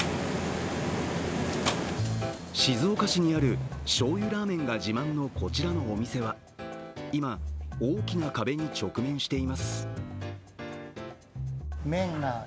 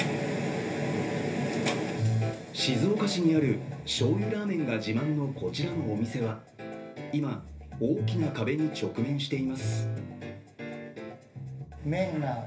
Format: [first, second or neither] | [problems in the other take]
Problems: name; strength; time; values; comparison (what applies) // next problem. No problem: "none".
first | room echo; dies away in 0.3 s